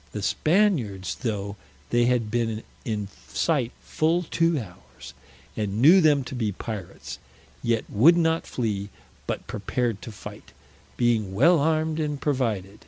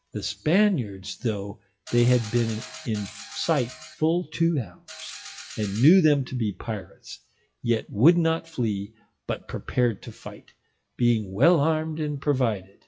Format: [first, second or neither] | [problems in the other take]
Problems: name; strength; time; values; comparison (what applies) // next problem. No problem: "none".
first | noise reduction (classical method WPE with log-MMSE)